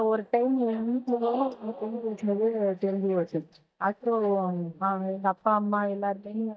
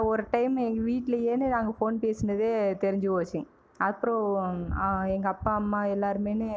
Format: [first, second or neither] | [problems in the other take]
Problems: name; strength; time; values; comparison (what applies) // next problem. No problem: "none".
second | noise reduction (neural mask model DeepFilterNet 3)